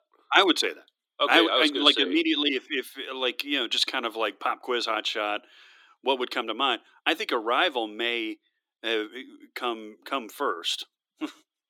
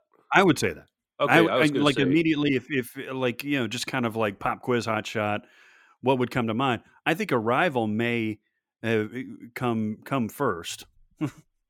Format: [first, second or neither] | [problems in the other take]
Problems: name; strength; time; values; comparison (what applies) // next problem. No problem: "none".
second | thin; somewhat; fading below 300 Hz